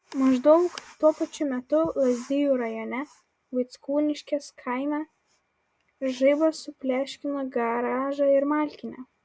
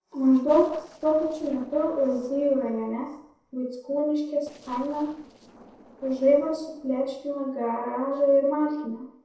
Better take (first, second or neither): first